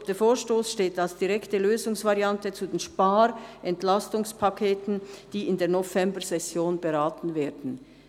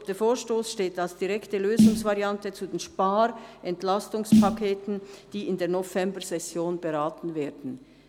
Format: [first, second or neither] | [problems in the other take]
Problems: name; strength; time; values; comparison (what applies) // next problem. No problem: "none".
first | background sound (Snare drum); 2 dB above the speech